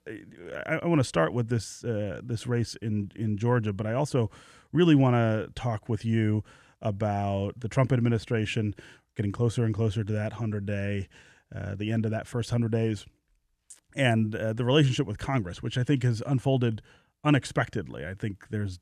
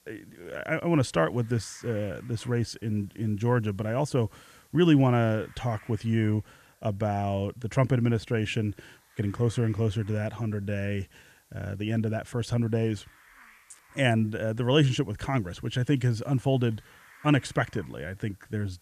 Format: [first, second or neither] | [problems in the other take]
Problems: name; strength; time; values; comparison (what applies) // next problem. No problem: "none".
first | hiss; faint; throughout; 30 dB below the speech